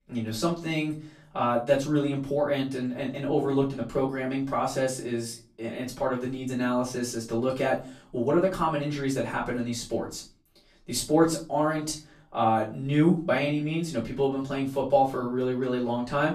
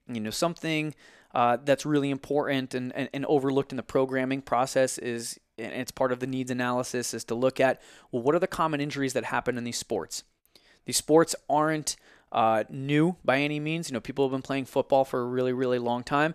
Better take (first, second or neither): second